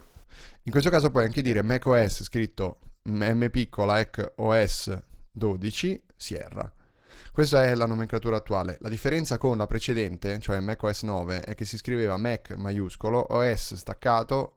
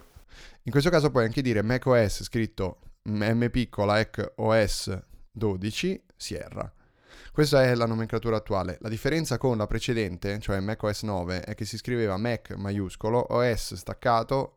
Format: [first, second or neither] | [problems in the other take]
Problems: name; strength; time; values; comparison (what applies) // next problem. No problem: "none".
second | garbled, watery; slightly; nothing above 19 kHz